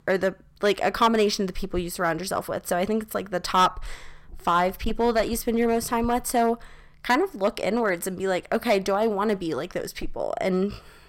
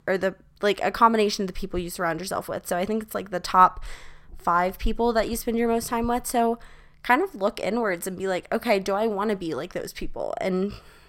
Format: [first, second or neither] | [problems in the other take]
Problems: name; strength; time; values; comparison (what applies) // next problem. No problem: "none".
second | distortion; slight; 2% of the sound clipped